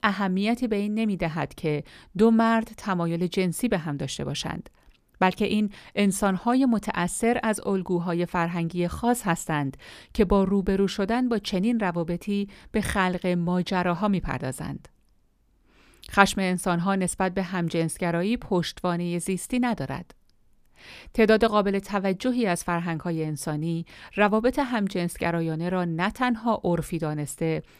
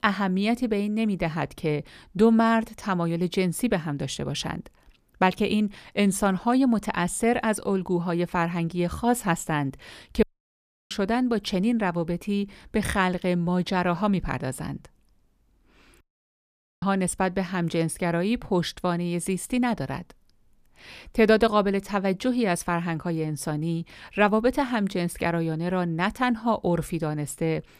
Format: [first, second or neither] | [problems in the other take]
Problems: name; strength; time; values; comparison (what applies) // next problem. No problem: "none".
first | audio cutting out; at 10 s for 0.5 s and at 16 s for 1 s